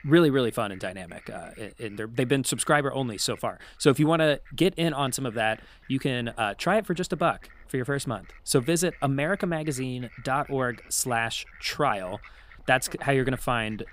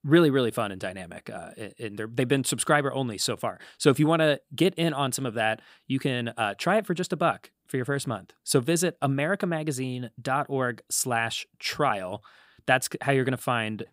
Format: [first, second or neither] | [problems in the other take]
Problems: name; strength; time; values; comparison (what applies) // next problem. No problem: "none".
second | animal sounds; faint; throughout; 25 dB below the speech